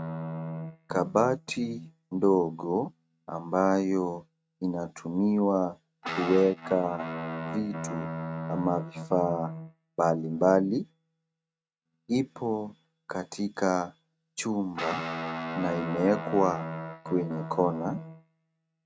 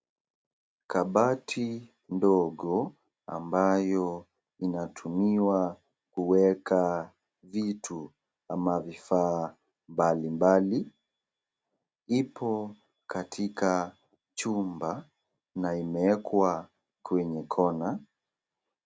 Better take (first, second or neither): second